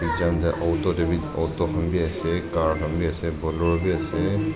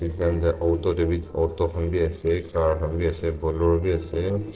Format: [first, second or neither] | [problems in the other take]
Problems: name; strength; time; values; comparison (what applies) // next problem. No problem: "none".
first | noise reduction (neural separator model SepFormer DNS4)